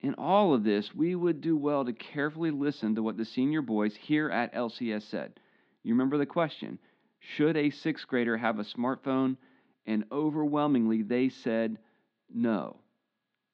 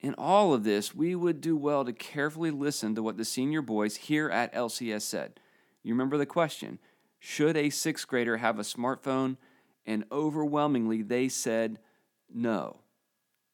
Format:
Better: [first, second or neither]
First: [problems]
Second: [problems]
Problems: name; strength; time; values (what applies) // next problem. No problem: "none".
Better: second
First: muffled; slightly; fading above 4 kHz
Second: none